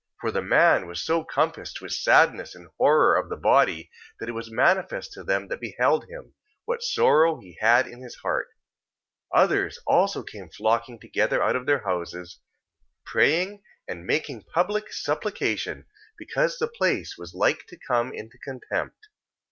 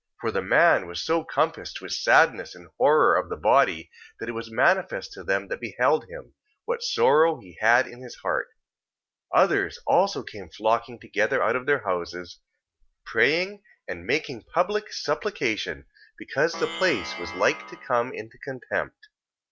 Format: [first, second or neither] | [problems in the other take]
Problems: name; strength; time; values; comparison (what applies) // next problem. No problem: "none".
first | background sound (Plucked string instrument); 11 dB below the speech